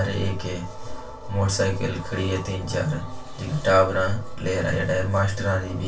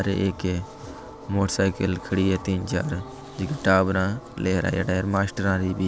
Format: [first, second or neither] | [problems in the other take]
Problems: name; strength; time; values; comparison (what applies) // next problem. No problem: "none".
second | room echo; dies away in 0.2 s